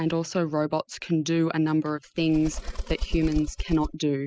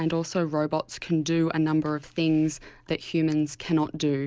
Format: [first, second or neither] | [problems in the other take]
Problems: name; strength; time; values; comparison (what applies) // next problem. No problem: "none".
second | noise reduction (classical method spectral subtraction)